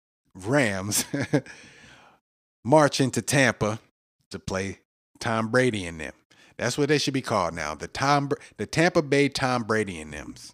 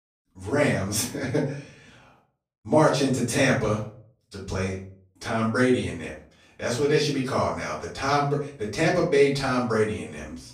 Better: first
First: none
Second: off-mic speech; far // room echo; slight; dies away in 0.4 s

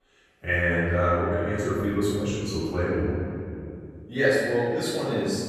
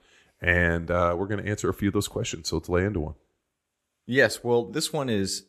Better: second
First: room echo; strong; dies away in 2.6 s // off-mic speech; far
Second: none

